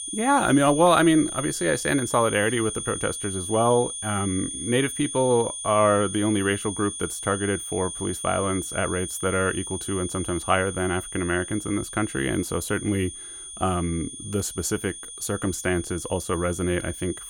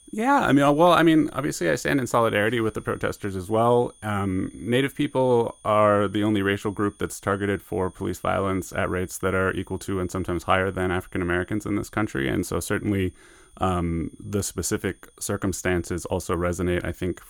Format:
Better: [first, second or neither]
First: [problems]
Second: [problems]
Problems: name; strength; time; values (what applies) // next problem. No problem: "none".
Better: second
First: high-pitched whine; loud; throughout; 9 kHz, 7 dB below the speech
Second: high-pitched whine; faint; throughout; 9 kHz, 30 dB below the speech